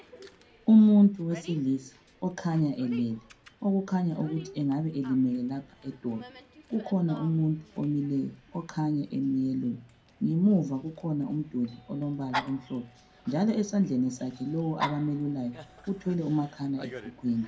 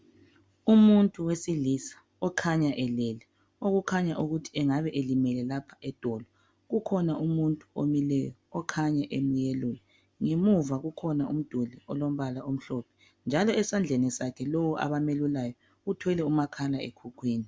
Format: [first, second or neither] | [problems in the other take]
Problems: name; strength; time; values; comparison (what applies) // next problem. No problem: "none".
second | background sound (Dog); 17 dB below the speech // room echo; dies away in 0.2 s